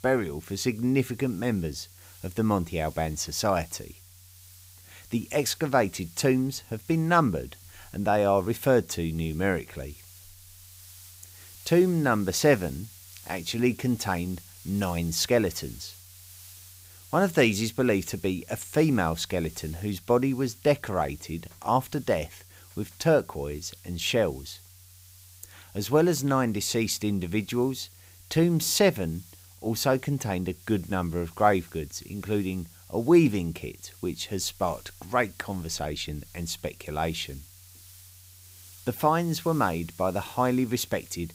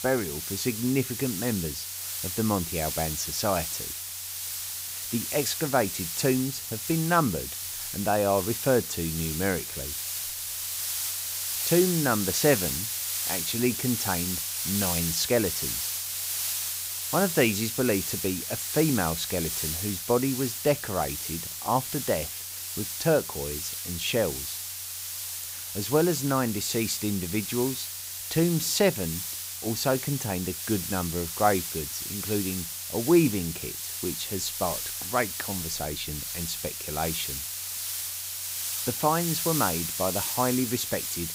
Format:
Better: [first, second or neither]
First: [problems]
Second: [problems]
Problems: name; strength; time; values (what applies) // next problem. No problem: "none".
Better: first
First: hiss; faint; throughout; 20 dB below the speech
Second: hiss; loud; throughout; 2 dB below the speech